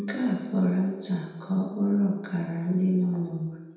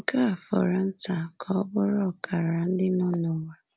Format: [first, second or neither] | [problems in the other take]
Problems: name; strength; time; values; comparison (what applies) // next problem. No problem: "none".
second | room echo; dies away in 1.1 s